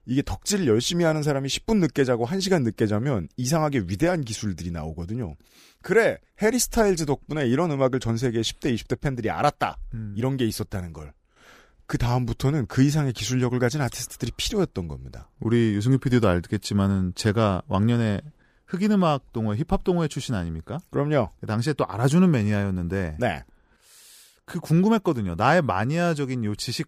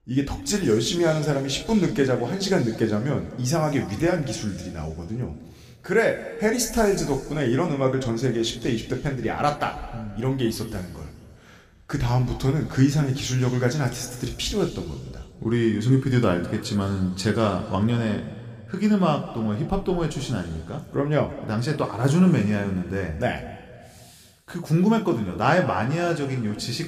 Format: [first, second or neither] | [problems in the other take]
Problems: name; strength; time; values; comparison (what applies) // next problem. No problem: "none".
first | room echo; slight; dies away in 1.8 s